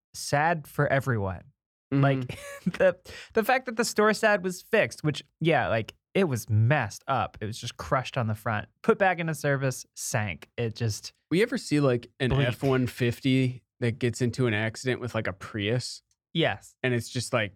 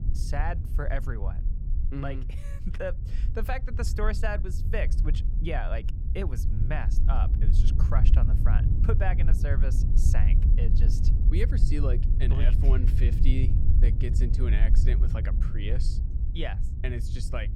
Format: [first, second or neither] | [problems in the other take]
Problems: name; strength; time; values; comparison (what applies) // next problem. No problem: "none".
first | low rumble; loud; throughout; 7 dB below the speech